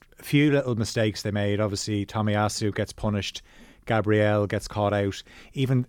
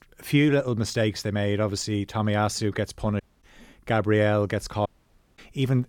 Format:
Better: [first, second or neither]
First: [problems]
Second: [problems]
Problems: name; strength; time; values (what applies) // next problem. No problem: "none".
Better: first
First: none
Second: audio cutting out; at 3 s and at 5 s for 0.5 s